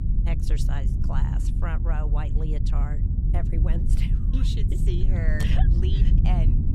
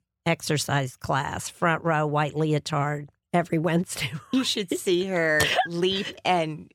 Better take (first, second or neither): second